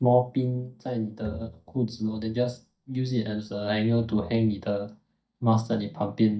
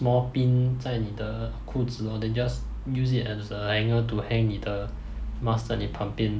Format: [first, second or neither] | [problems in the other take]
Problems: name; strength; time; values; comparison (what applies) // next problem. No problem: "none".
second | noise reduction (neural mask model DeepFilterNet 3)